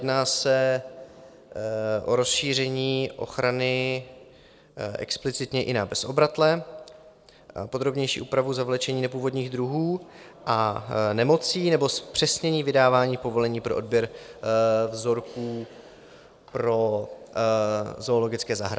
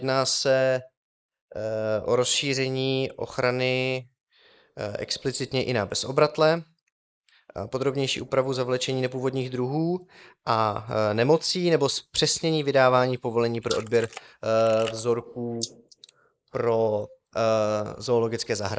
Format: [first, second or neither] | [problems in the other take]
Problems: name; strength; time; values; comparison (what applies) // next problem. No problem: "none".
first | noise reduction (neural mask model Resemble Enhance denoiser)